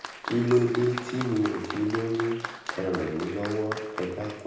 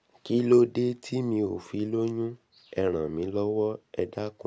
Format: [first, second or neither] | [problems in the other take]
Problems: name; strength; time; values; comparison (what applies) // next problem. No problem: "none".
second | background sound (Applause); 10 dB below the speech // room echo; dies away in 0.8 s